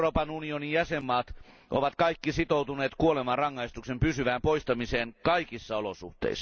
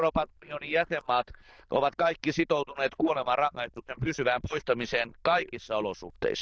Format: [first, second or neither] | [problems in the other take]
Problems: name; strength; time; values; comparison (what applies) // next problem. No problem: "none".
first | noise reduction (neural diffusion model UNIVERSE++)